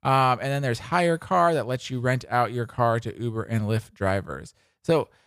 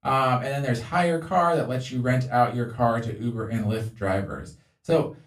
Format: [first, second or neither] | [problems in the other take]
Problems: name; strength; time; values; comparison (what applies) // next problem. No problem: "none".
first | off-mic speech; far // room echo; very slight; dies away in 0.2 s